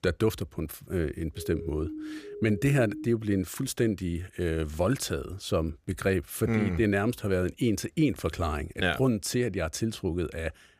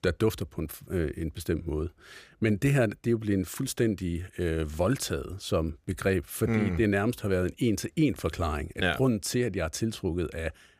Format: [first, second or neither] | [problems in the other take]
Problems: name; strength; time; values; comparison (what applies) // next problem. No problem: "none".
second | siren; noticeable; from 1.5 to 3 s; peak 9 dB below the speech